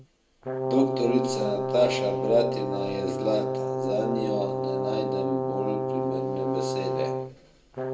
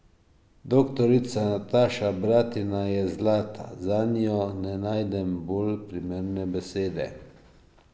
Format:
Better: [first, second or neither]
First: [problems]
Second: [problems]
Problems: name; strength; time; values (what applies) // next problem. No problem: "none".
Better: second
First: background sound (Brass instrument); as loud as the speech // room echo; dies away in 0.2 s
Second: none